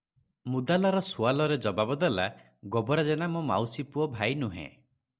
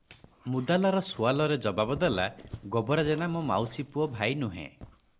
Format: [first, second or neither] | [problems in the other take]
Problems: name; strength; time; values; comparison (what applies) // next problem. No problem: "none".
first | background sound (Dog); 20 dB below the speech